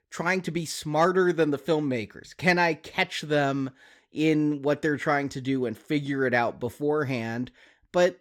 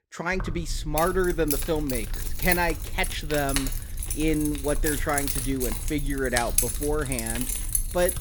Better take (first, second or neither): first